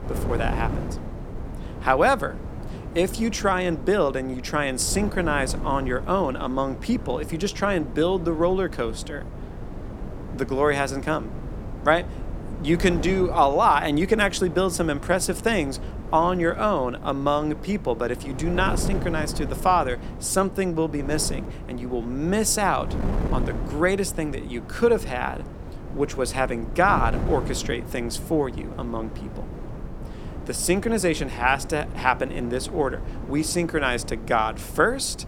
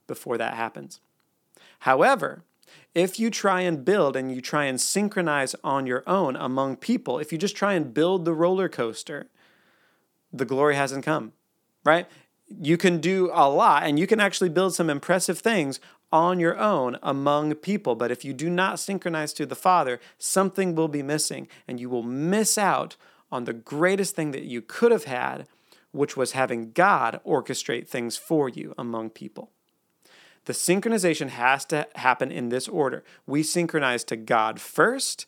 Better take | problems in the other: second | wind noise on the microphone; occasional gusts; 15 dB below the speech

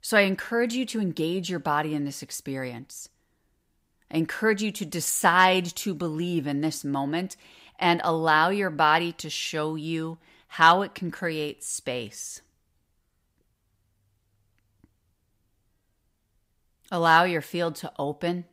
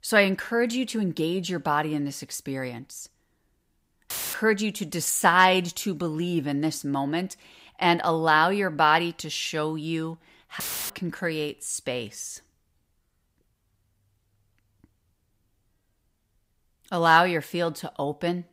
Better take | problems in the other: first | audio cutting out; filled with static; at 4 s and at 11 s

